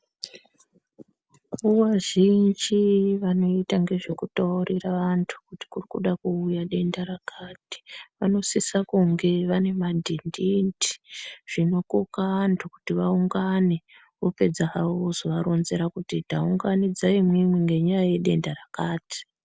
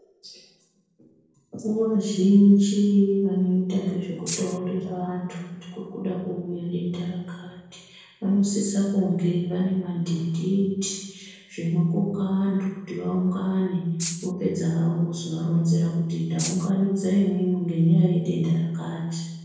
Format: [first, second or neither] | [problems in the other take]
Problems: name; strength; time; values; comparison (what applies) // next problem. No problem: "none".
first | noise reduction (neural separator model SepFormer DNS4)